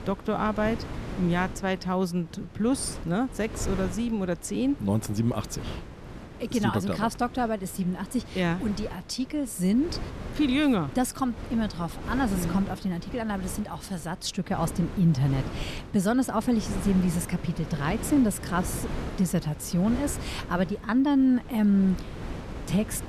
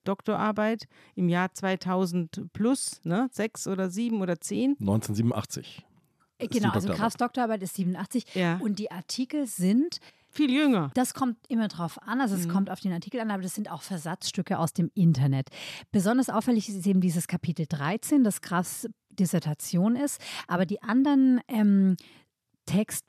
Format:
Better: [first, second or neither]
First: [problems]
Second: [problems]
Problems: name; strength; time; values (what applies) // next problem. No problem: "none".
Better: second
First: wind noise on the microphone; occasional gusts; 10 dB below the speech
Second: none